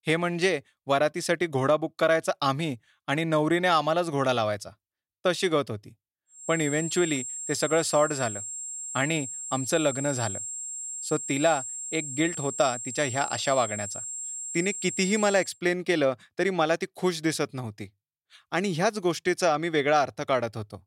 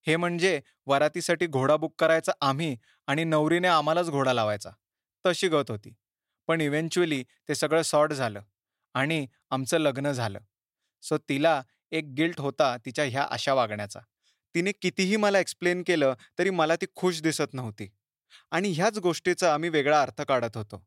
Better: second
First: high-pitched whine; loud; from 6.5 to 15 s; 7.5 kHz, 6 dB below the speech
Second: none

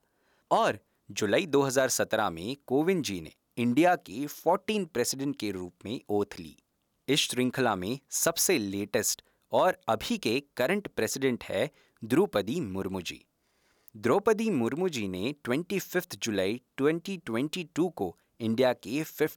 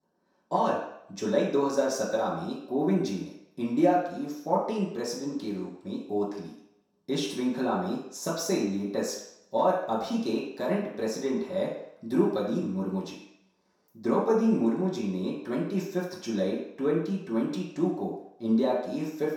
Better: first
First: none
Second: room echo; noticeable; dies away in 0.7 s // off-mic speech; far

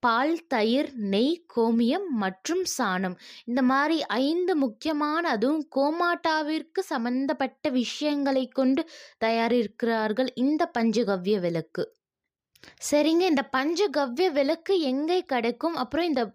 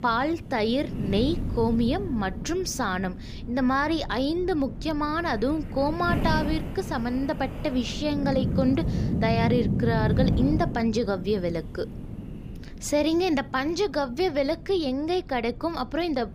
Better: first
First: none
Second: wind noise on the microphone; occasional gusts; 10 dB below the speech

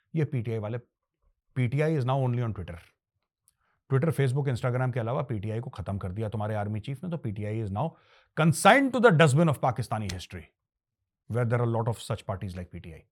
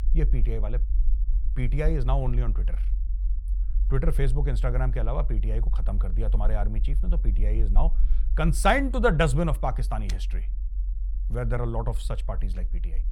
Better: first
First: none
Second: low rumble; faint; throughout; 20 dB below the speech

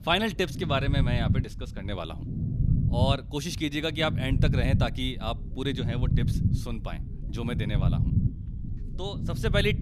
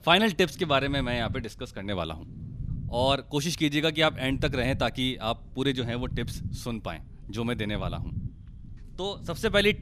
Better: second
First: low rumble; loud; throughout; 9 dB below the speech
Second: low rumble; faint; throughout; 25 dB below the speech

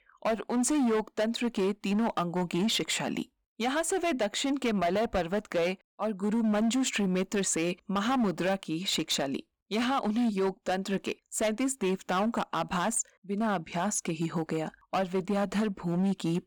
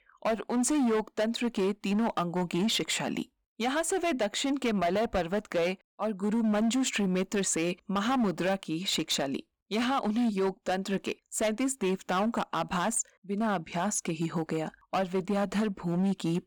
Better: neither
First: distortion; slight; 13% of the sound clipped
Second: distortion; slight; 13% of the sound clipped

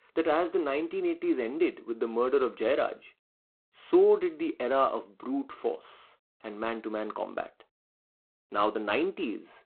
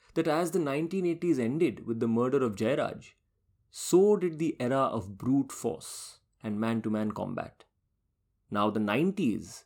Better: second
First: phone-call audio; poor line; nothing above 4 kHz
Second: none

